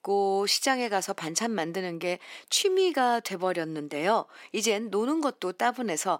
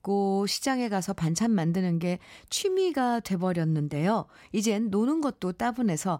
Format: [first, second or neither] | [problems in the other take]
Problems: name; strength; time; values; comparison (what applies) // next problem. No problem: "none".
second | thin; somewhat; fading below 350 Hz